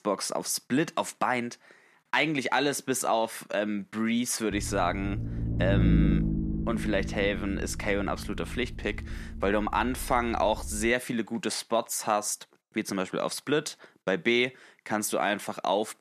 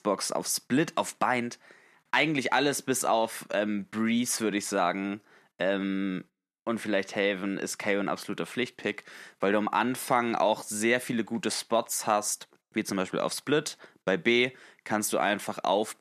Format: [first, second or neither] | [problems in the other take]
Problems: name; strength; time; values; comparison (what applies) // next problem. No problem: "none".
second | low rumble; noticeable; from 4.5 to 11 s; 10 dB below the speech